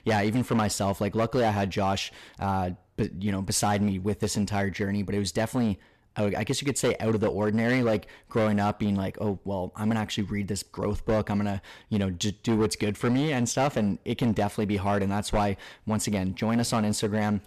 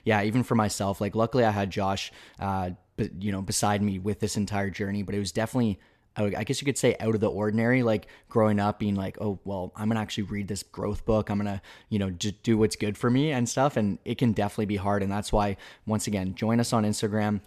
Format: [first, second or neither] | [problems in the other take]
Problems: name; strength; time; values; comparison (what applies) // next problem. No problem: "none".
second | distortion; slight; 9% of the sound clipped